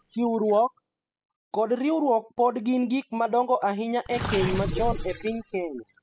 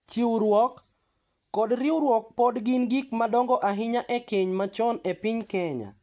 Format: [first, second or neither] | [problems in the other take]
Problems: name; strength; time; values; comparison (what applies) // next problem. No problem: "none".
second | noise reduction (classical method spectral subtraction)